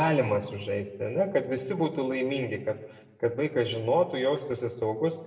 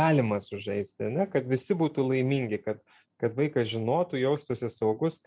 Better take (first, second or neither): second